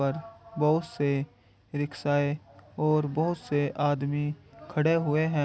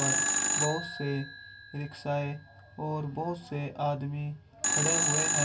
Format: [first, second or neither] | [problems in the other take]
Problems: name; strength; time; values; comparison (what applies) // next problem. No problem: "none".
first | background sound (Telephone); 2 dB above the speech // room echo; dies away in 0.2 s